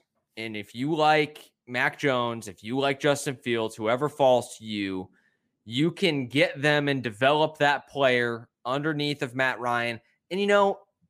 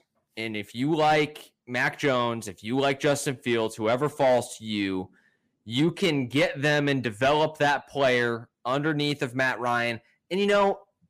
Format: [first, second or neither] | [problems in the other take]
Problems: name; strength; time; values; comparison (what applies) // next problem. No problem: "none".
first | distortion; slight; 10 dB below the speech